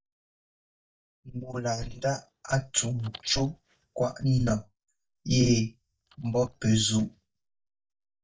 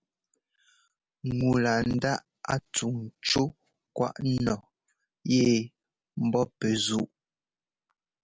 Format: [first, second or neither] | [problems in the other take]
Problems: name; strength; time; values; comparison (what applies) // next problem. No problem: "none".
second | noise reduction (neural mask model DeepFilterNet 3)